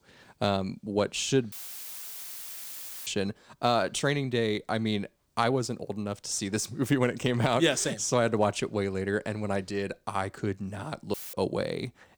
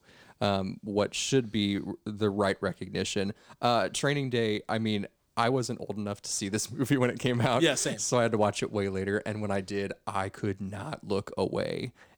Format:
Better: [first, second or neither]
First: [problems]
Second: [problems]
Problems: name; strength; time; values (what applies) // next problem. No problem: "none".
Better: second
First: audio cutting out; filled with static; at 1.5 s for 1.5 s and at 11 s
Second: none